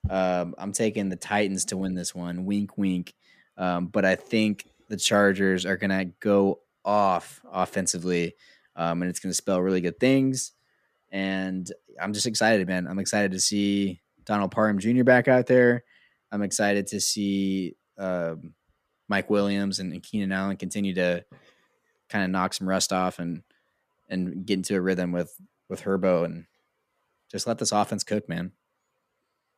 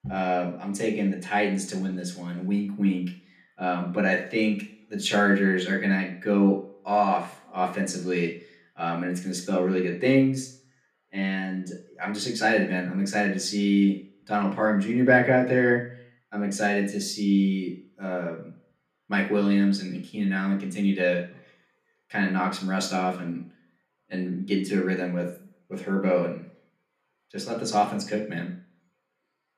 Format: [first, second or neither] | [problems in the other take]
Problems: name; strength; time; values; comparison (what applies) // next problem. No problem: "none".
first | room echo; slight; dies away in 0.4 s // off-mic speech; far